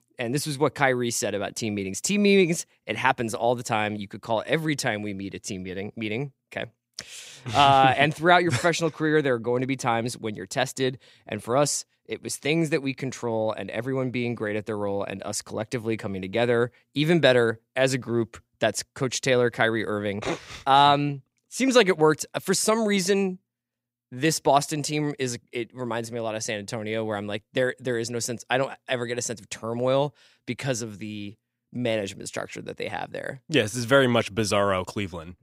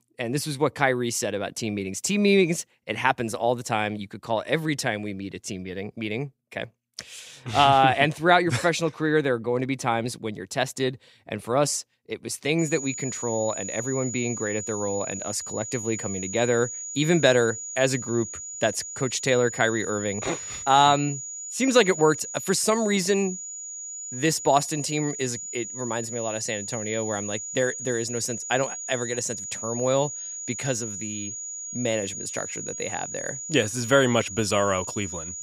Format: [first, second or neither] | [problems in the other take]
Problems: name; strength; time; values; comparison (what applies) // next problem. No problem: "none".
first | high-pitched whine; loud; from 13 s on; 7 kHz, 7 dB below the speech